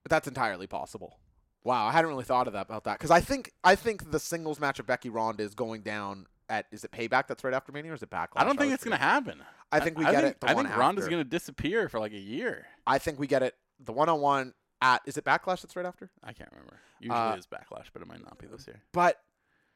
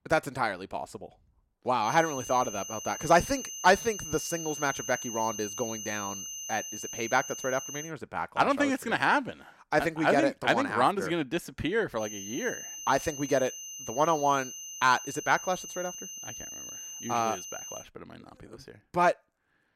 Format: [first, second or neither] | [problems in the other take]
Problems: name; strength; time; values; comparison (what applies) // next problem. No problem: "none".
first | high-pitched whine; loud; from 2 to 8 s and from 12 to 18 s; 6 kHz, 9 dB below the speech